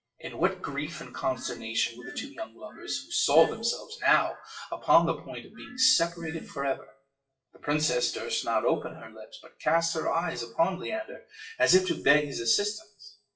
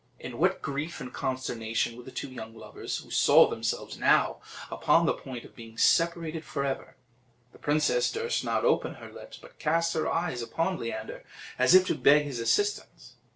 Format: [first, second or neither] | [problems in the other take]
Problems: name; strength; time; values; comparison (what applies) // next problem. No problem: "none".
second | noise reduction (classical method WPE with log-MMSE)